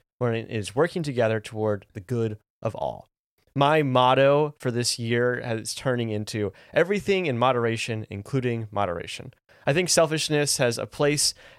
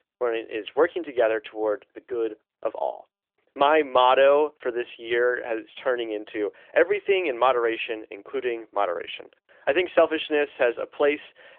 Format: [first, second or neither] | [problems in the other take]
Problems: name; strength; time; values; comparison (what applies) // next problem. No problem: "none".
first | phone-call audio; nothing above 3.5 kHz